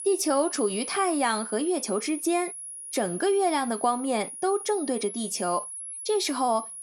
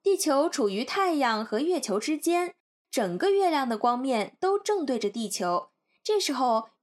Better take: second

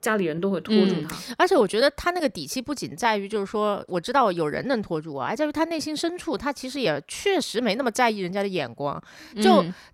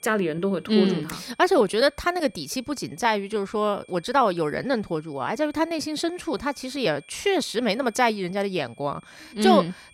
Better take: first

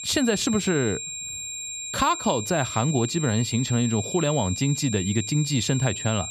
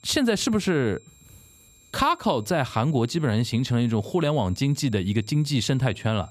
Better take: second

